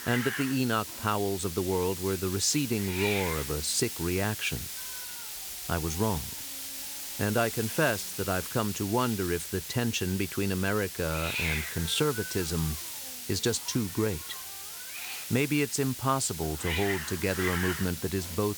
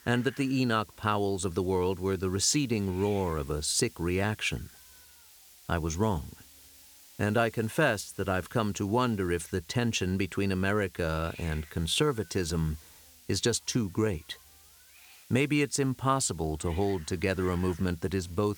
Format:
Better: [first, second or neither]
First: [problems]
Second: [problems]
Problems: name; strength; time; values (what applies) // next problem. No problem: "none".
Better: second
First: hiss; loud; throughout; 5 dB below the speech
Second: hiss; faint; throughout; 20 dB below the speech